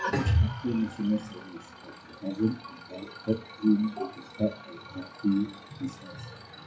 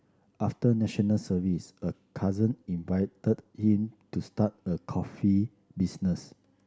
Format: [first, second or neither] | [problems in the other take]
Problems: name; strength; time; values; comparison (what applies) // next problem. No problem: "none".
second | noise reduction (classical method WPE with log-MMSE)